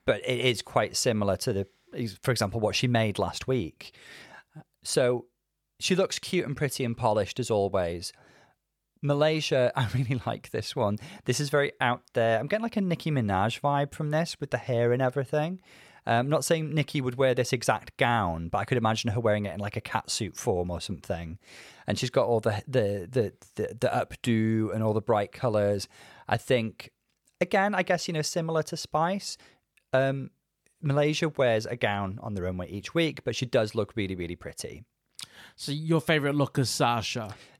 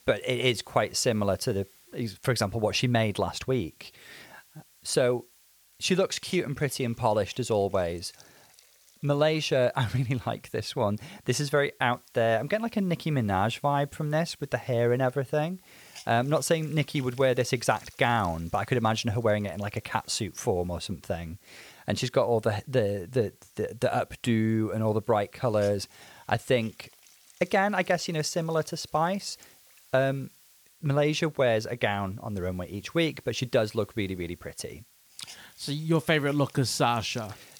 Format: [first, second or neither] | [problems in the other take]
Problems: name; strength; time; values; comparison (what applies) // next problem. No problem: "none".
first | hiss; faint; throughout; 25 dB below the speech